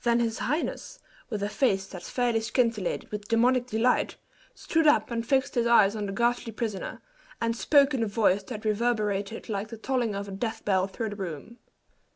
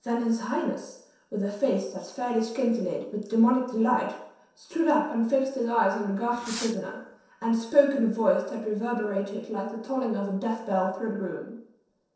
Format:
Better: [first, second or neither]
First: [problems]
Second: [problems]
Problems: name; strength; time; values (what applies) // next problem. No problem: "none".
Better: first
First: none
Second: noise reduction (neural separator model SepFormer DNS4)